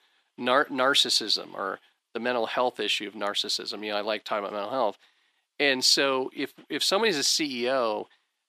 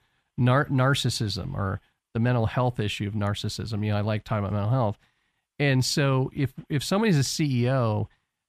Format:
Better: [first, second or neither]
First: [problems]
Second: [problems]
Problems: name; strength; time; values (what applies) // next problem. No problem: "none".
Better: second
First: thin; very; fading below 300 Hz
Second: none